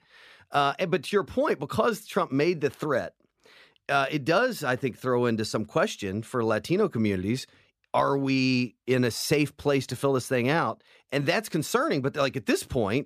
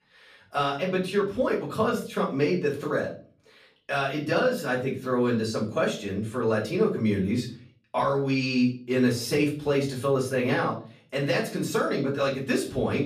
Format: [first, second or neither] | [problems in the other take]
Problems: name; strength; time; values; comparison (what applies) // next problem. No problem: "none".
first | room echo; slight; dies away in 0.4 s // off-mic speech; far